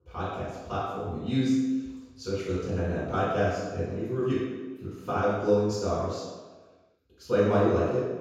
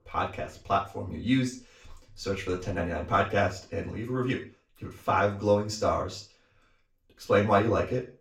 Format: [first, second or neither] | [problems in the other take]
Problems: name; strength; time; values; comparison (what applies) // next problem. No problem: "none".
second | room echo; strong; dies away in 1.2 s; slight in the second // off-mic speech; far; far in the second